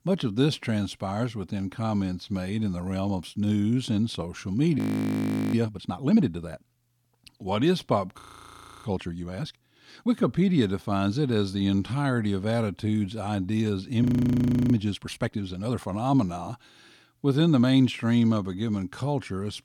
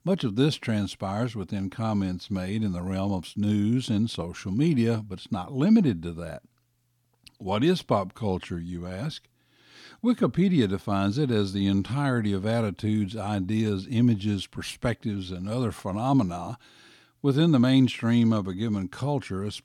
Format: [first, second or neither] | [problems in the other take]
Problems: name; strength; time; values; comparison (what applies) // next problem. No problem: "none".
second | audio freezing; at 5 s for 1 s, at 8 s for 0.5 s and at 14 s for 0.5 s